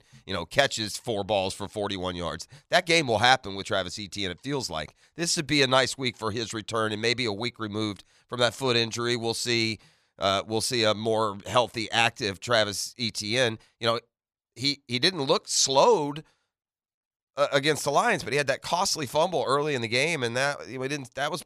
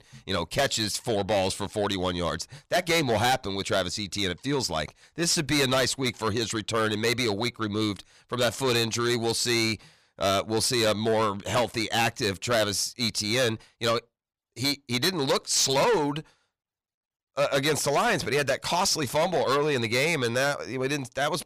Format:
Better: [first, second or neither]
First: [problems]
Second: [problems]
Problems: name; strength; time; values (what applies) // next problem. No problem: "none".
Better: first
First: none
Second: distortion; heavy; 6 dB below the speech